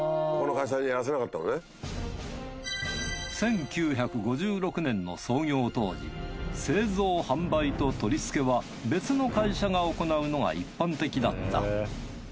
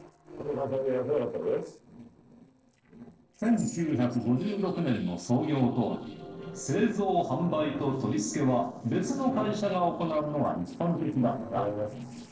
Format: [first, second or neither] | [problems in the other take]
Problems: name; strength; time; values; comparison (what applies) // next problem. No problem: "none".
first | noise reduction (neural separator model SepFormer DNS4)